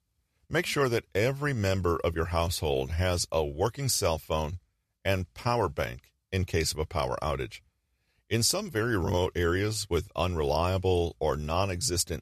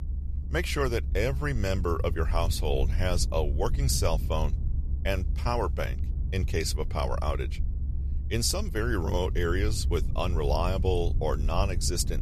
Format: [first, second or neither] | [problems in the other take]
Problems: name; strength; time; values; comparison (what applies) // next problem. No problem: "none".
first | low rumble; noticeable; throughout; 15 dB below the speech